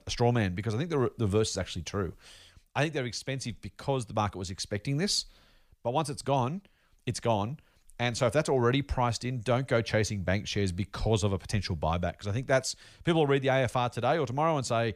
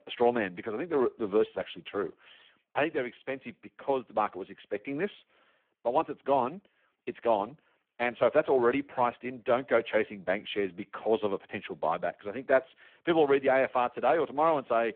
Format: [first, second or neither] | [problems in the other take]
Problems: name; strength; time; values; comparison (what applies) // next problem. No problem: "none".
first | phone-call audio; poor line